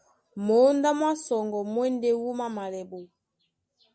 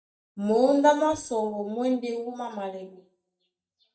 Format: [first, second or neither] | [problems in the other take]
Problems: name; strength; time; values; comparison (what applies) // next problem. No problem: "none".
first | noise reduction (neural mask model DeepFilterNet 3)